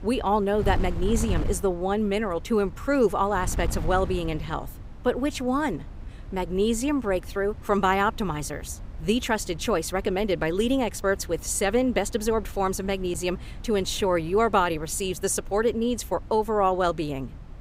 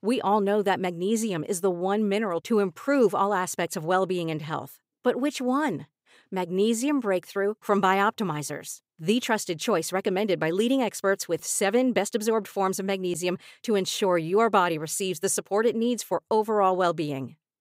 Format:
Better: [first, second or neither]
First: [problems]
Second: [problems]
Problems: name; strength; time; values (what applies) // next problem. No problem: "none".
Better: second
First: wind noise on the microphone; occasional gusts; 20 dB below the speech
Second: none